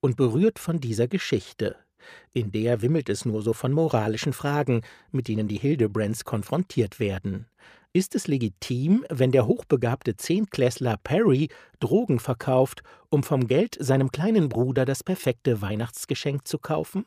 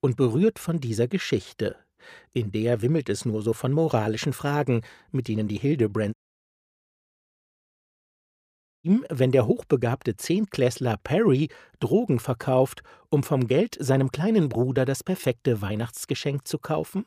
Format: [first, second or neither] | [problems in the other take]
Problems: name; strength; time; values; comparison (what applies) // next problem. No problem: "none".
first | audio cutting out; at 6 s for 2.5 s